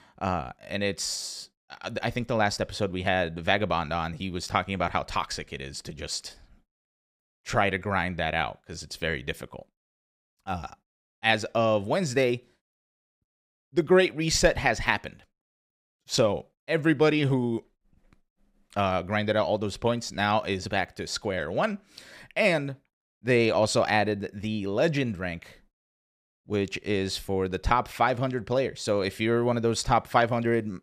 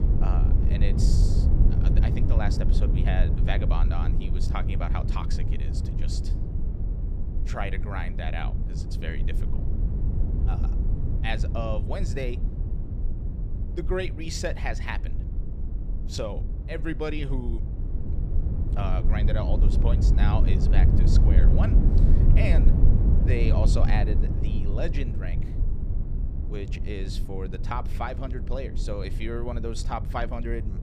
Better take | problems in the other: first | low rumble; loud; throughout; 5 dB below the speech

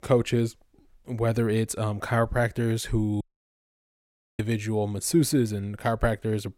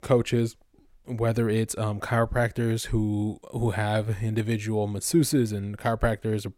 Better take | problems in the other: second | audio cutting out; at 3 s for 1 s

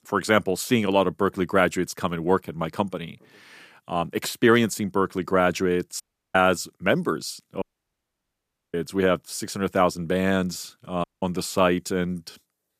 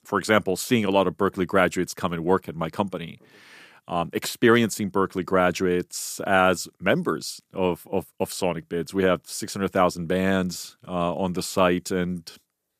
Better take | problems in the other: second | audio cutting out; at 6 s, at 7.5 s for 1 s and at 11 s

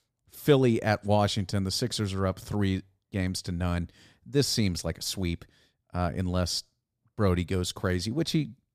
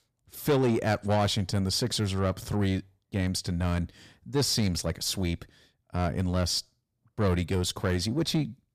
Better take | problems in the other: first | distortion; slight; 10 dB below the speech

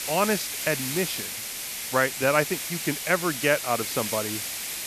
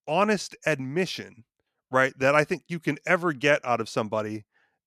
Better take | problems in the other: second | hiss; loud; throughout; 3 dB below the speech

